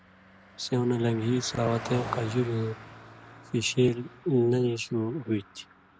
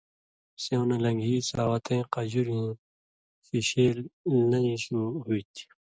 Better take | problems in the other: second | background sound (Car passing by); 15 dB below the speech

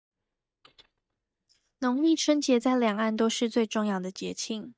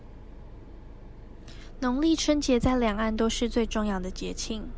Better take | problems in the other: second | noise reduction (neural mask model DeepFilterNet 3)

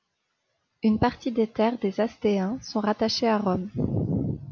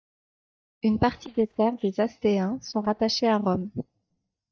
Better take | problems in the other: first | noise reduction (neural mask model DeepFilterNet 3)

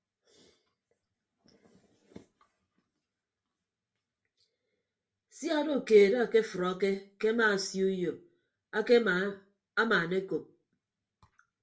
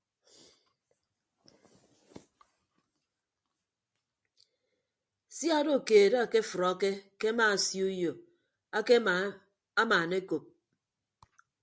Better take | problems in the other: second | room echo; dies away in 0.2 s

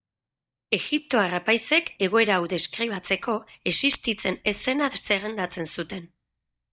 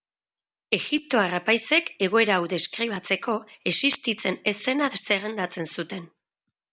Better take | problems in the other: second | noise reduction (neural mask model DeepFilterNet 3)

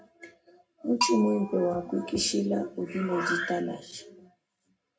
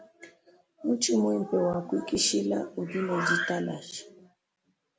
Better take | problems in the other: second | background sound (Bell); 9 dB below the speech // room echo; dies away in 0.2 s

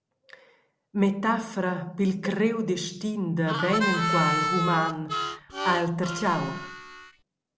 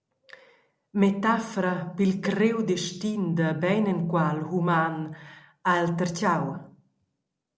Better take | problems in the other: second | background sound (Harmonica); 2 dB below the speech

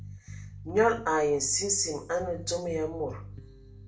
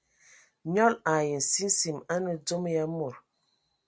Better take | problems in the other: second | background sound (Bass guitar); 14 dB below the speech // room echo; dies away in 0.4 s

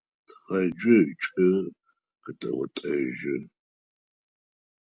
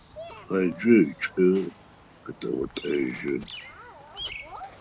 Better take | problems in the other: first | background sound (Bird vocalization, bird call, bird song); 17 dB below the speech

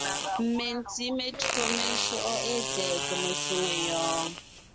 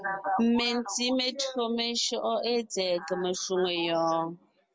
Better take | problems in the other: second | background sound (Fart); 1 dB below the speech

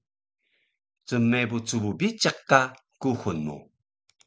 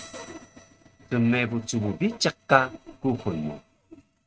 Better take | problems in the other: first | noise reduction (neural mask model RNNoise)

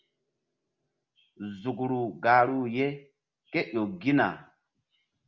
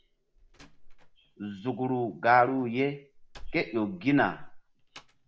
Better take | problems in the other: first | background sound (Slam); 18 dB below the speech

